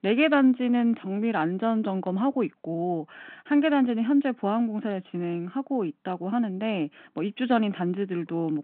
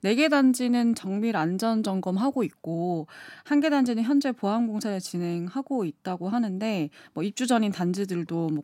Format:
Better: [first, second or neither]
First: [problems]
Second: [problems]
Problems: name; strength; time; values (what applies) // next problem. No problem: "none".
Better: second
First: phone-call audio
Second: none